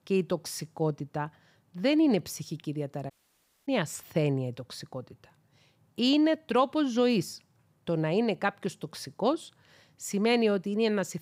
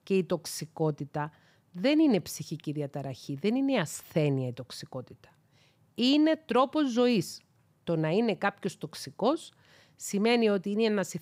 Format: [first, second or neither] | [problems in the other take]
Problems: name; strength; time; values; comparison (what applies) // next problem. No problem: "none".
second | audio cutting out; at 3 s for 0.5 s